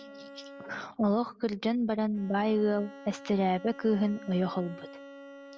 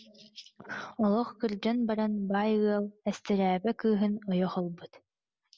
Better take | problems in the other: second | background sound (Bowed string instrument); 18 dB below the speech

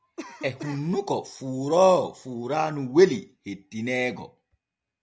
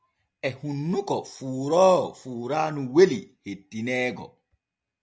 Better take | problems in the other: second | background sound (Cough); 17 dB below the speech

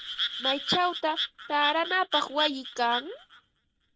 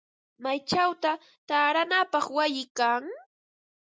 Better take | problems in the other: second | noise reduction (neural mask model RNNoise)

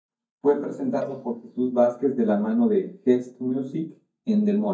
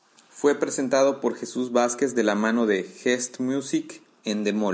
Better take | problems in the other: second | noise reduction (neural mask model DeepFilterNet 3)

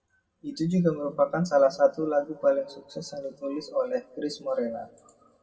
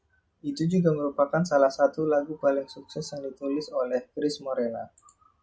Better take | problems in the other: second | room echo; dies away in 1.1 s

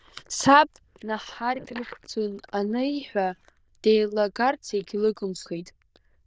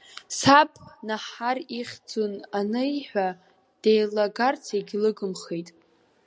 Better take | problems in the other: second | noise reduction (neural diffusion model UNIVERSE++)

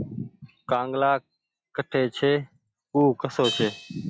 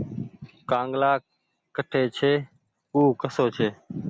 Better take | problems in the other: second | noise reduction (classical method log-MMSE)

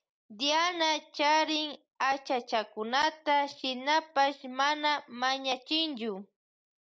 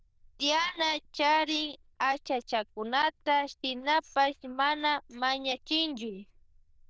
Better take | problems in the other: first | noise reduction (neural diffusion model UNIVERSE++)

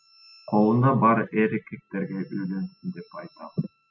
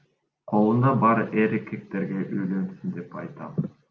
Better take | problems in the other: second | noise reduction (classical method spectral subtraction)

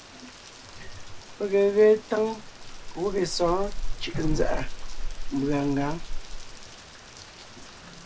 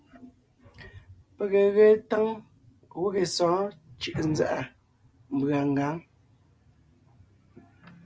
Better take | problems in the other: second | background sound (Rain); 3 dB below the speech

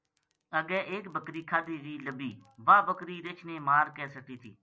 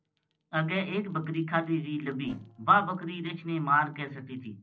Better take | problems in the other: first | noise reduction (neural separator model SepFormer DNS4)

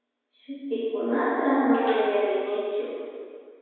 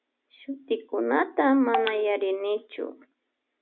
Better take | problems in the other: second | room echo; dies away in 1.9 s

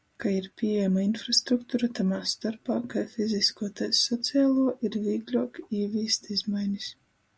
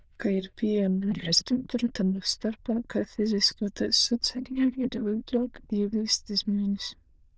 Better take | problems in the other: first | noise reduction (neural diffusion model UNIVERSE++)

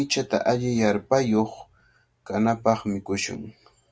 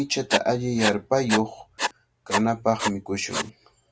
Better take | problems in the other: first | background sound (Writing); 5 dB below the speech

